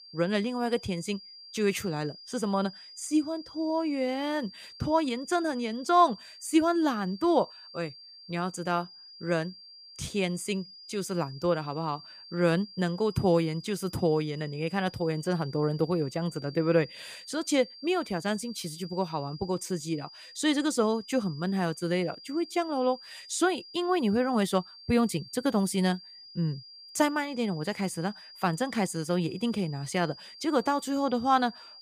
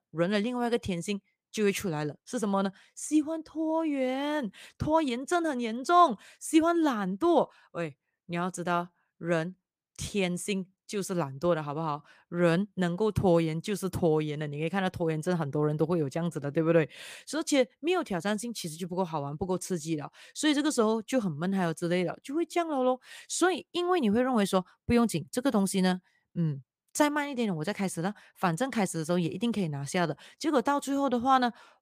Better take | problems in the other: second | high-pitched whine; noticeable; throughout; 4.5 kHz, 15 dB below the speech

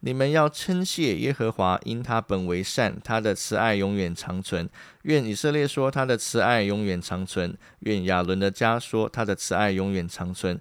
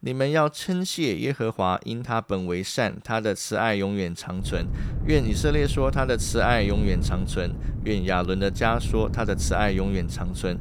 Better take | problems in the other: first | wind noise on the microphone; occasional gusts; from 4.5 s on; 15 dB below the speech

